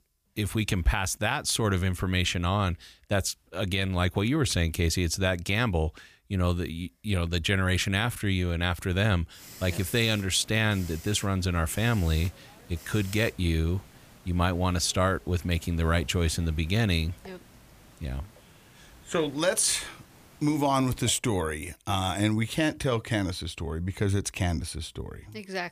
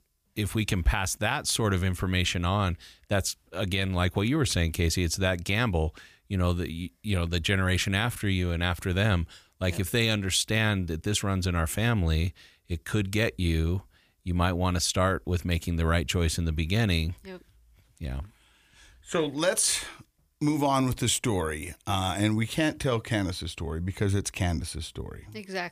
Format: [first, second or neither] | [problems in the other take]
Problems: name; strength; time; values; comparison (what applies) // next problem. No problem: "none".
second | hiss; faint; from 9.5 to 21 s; 20 dB below the speech